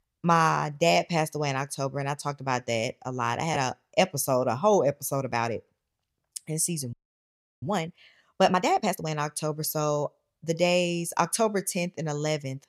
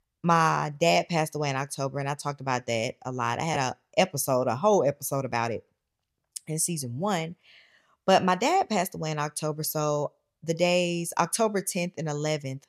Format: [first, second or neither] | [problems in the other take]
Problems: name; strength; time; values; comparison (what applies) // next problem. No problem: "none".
second | audio freezing; at 7 s for 0.5 s